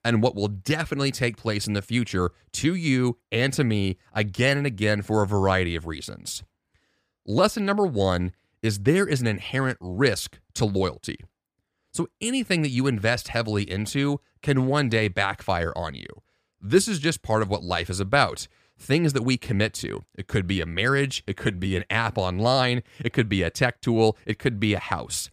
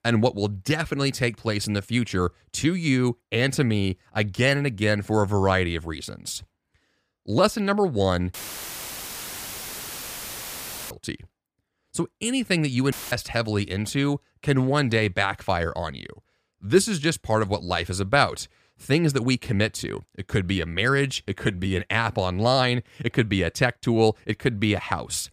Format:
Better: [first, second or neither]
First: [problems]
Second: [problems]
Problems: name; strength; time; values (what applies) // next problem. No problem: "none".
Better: first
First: none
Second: audio cutting out; filled with static; at 8.5 s for 2.5 s and at 13 s